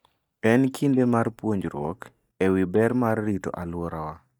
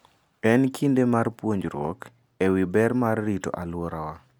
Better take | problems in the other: second | noise reduction (neural mask model DeepFilterNet 3)

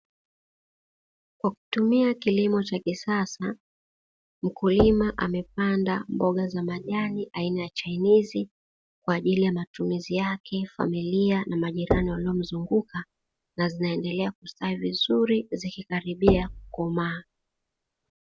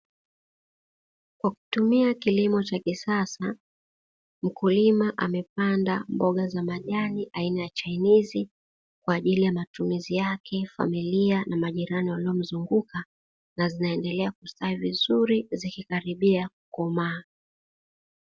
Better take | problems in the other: second | background sound (Knock); 6 dB below the speech

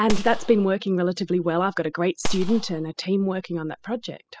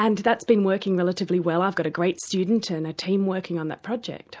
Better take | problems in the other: second | noise reduction (classical method spectral subtraction)

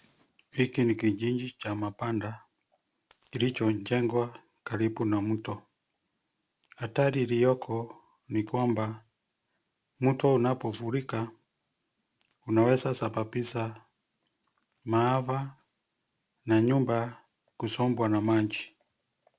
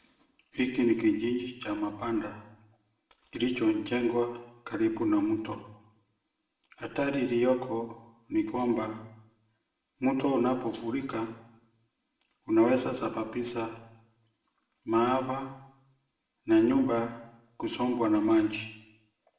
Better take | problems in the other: first | room echo; dies away in 0.8 s

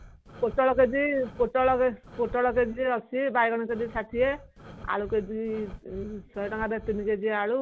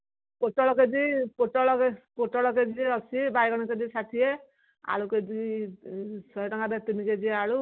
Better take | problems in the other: second | background sound (Breathing); 18 dB below the speech

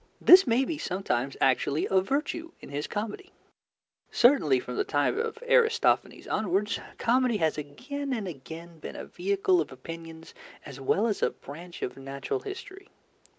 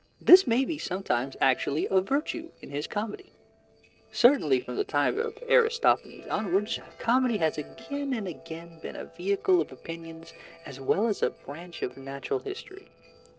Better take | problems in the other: first | noise reduction (neural separator model SepFormer DNS4)

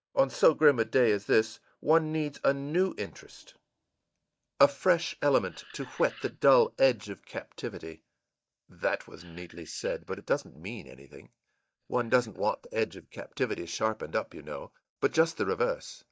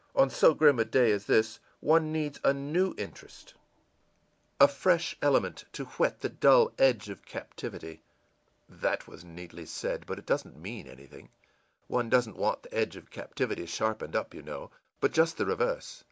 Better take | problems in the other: second | noise reduction (neural mask model DeepFilterNet 3)

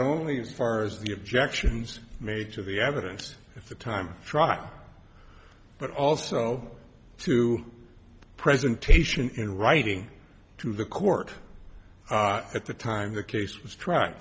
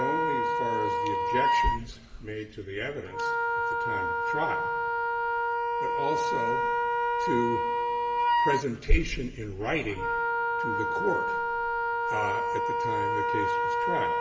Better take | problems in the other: first | background sound (Wind instrument, woodwind instrument); 5 dB above the speech // room echo; dies away in 1.7 s

